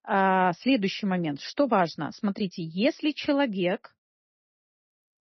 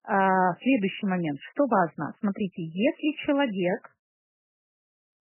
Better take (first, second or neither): first